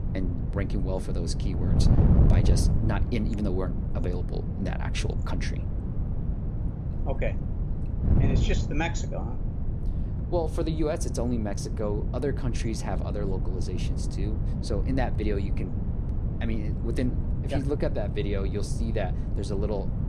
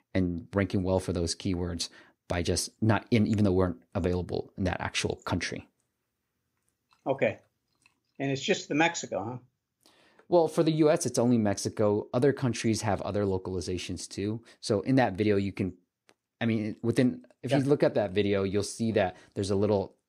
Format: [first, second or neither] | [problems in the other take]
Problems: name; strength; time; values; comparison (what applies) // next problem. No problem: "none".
second | wind noise on the microphone; heavy; 6 dB below the speech